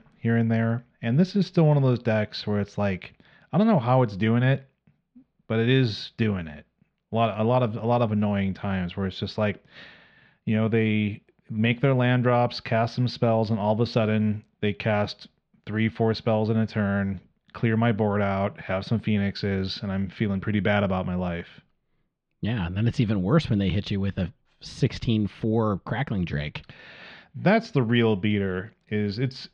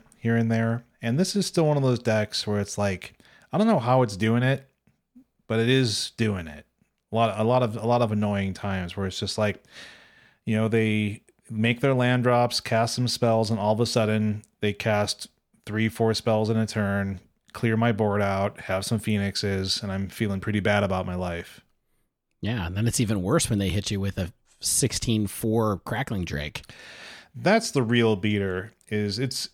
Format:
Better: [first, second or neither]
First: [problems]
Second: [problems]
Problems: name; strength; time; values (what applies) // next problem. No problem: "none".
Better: second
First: muffled; slightly; fading above 4 kHz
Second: none